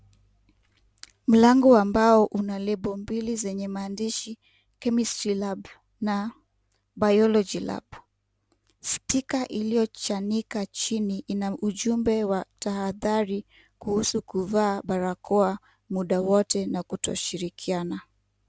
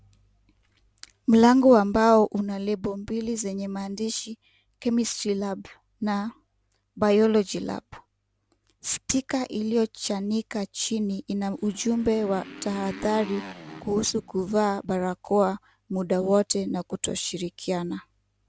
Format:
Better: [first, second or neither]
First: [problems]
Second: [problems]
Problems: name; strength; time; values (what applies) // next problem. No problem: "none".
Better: first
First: none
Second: background sound (Motorcycle); 17 dB below the speech